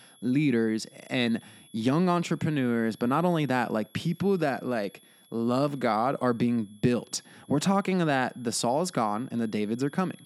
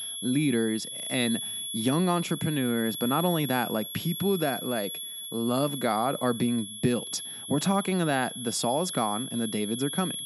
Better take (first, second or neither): first